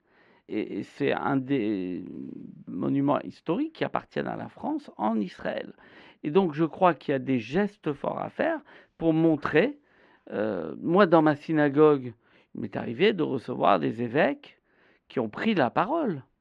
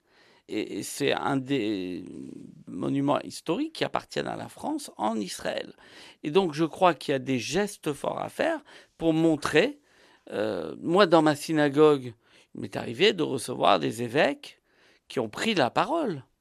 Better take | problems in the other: second | muffled; slightly; fading above 2 kHz

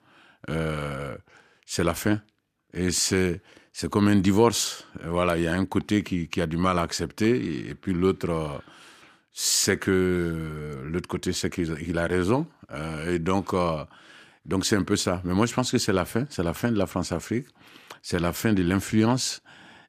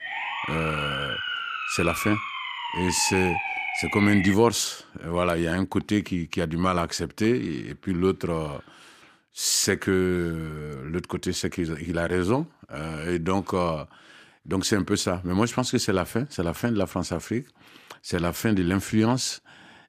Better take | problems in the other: first | siren; noticeable; until 4.5 s; peak 1 dB below the speech

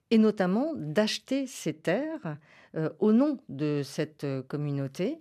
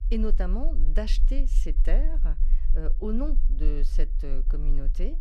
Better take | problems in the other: first | low rumble; noticeable; throughout; 15 dB below the speech

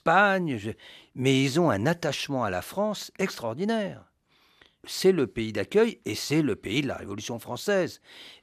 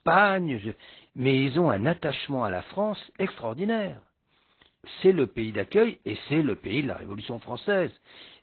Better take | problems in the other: first | garbled, watery; badly; nothing above 4 kHz

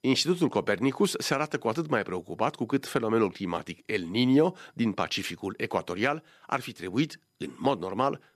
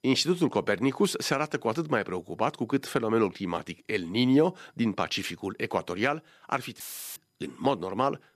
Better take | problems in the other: first | audio cutting out; filled with static; at 7 s

